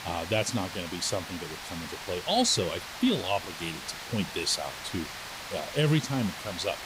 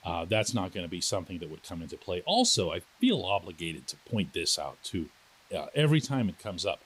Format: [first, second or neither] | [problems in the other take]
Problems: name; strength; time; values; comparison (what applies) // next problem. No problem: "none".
second | hiss; loud; throughout; 9 dB below the speech; faint in the second